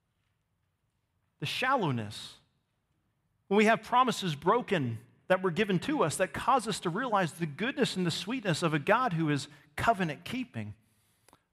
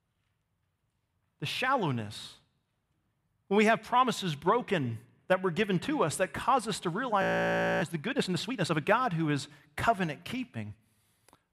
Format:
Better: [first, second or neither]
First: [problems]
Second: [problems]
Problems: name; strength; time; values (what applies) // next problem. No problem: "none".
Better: first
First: none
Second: audio freezing; at 7 s for 0.5 s